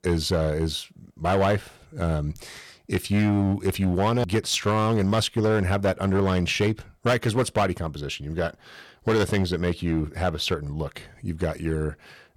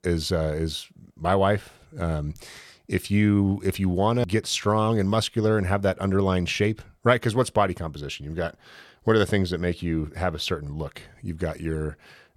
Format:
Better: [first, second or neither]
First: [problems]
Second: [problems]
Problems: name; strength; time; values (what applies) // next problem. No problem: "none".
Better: second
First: distortion; slight; 7% of the sound clipped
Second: none